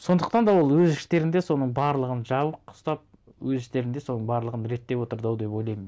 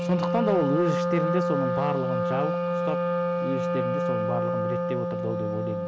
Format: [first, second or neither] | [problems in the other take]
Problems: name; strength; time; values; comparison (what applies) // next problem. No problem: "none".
first | background sound (Wind instrument, woodwind instrument); 3 dB above the speech